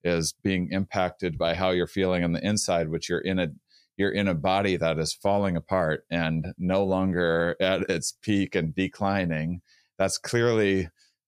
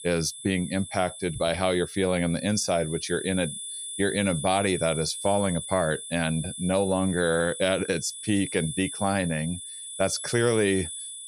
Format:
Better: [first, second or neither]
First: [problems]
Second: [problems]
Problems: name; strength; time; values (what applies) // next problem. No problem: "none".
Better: first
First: none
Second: high-pitched whine; loud; throughout; 10.5 kHz, 8 dB below the speech